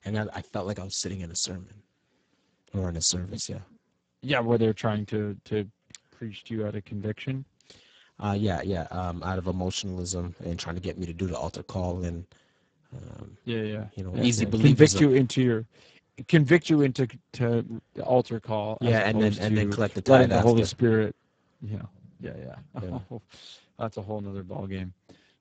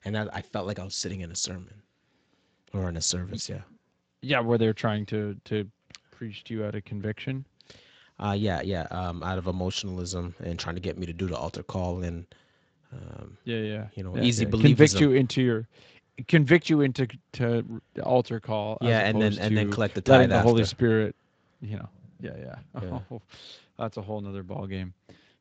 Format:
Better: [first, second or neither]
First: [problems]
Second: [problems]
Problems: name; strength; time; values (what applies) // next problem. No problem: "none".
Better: second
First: garbled, watery; badly; nothing above 7.5 kHz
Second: garbled, watery; slightly; nothing above 7.5 kHz